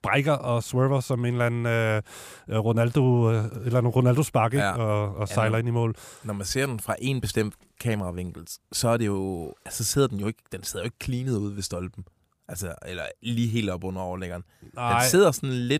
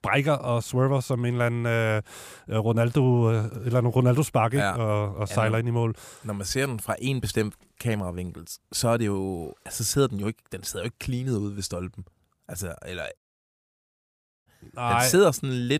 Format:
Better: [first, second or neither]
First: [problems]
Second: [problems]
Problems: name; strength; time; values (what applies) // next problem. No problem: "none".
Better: first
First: none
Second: audio cutting out; at 13 s for 1.5 s